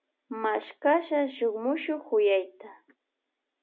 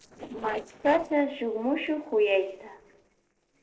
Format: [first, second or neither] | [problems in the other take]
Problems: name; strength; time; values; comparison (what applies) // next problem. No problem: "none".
first | noise reduction (neural separator model SepFormer DNS4)